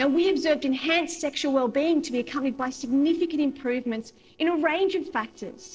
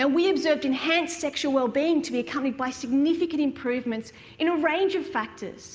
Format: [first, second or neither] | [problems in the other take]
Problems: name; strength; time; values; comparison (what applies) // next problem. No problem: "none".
second | noise reduction (neural separator model SepFormer DNS4)